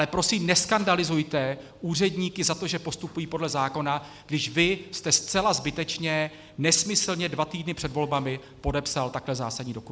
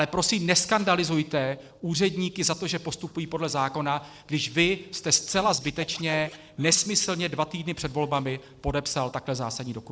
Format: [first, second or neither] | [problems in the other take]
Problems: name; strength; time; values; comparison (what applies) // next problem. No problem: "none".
first | noise reduction (neural separator model SepFormer DNS4)